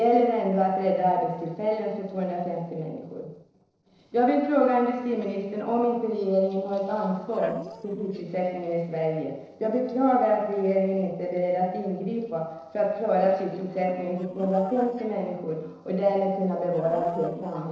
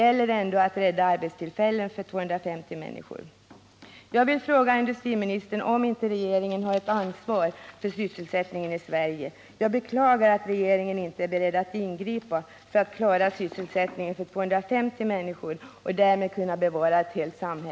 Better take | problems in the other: second | noise reduction (neural separator model SepFormer DNS4)

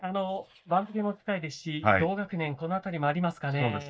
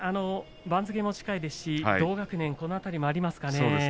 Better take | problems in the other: second | noise reduction (neural mask model DeepFilterNet 3)

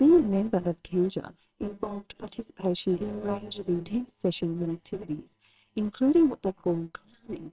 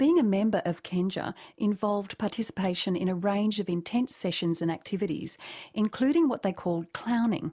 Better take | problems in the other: second | noise reduction (neural separator model SepFormer WHAMR!)

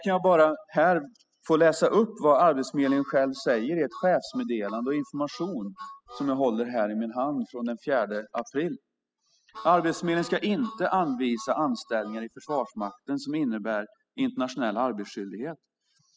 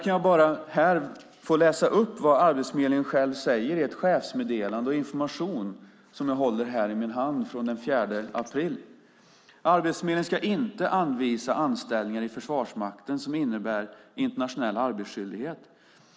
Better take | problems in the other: second | noise reduction (classical method spectral subtraction)

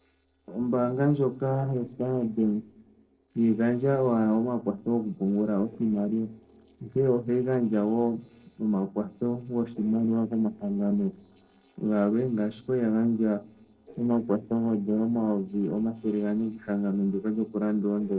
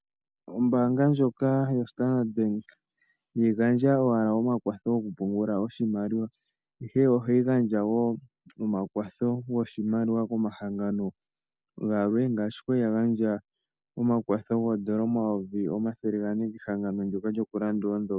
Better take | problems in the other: second | noise reduction (neural separator model SepFormer DNS4)

